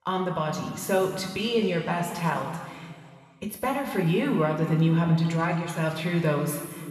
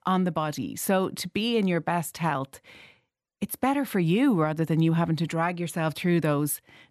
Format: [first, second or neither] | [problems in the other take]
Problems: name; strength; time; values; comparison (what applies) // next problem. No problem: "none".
second | room echo; noticeable; dies away in 2.1 s // off-mic speech; somewhat distant